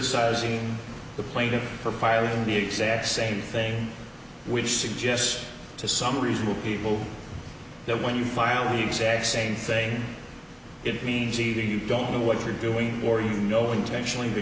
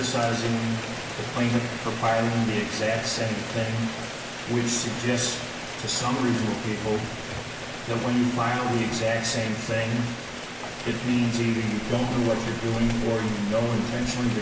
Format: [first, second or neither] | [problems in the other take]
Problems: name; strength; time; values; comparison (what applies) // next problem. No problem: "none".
first | background sound (Rain); 9 dB below the speech // room echo; dies away in 0.2 s